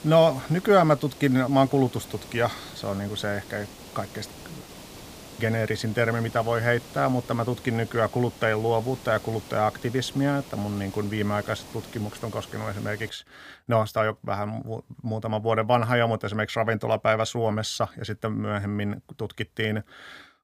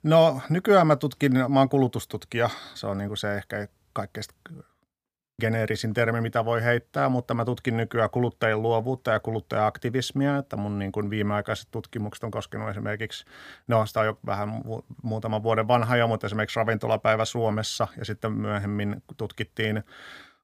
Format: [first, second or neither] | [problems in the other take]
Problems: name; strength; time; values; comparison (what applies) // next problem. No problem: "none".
second | hiss; noticeable; until 13 s; 15 dB below the speech